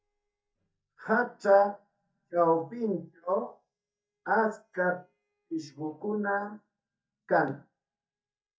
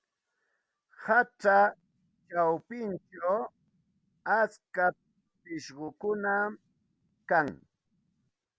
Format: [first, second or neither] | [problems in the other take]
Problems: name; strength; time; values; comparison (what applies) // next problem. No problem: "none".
second | noise reduction (neural mask model DeepFilterNet 3)